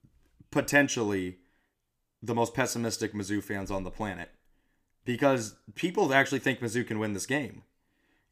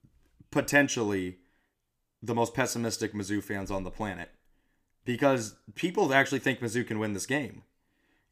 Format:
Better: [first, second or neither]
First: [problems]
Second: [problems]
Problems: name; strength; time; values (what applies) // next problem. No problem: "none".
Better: neither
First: none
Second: none